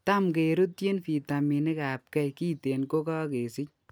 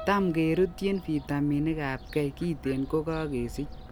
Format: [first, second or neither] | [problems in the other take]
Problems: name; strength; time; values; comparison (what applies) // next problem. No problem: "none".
first | background sound (Fowl + Piano); 14 dB below the speech